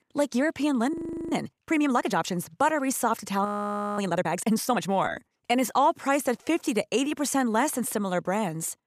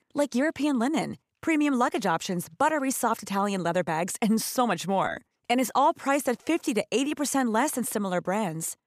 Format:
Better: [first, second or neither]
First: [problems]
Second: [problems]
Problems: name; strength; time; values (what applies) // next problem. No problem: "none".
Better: second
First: audio freezing; at 1 s and at 3.5 s for 0.5 s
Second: none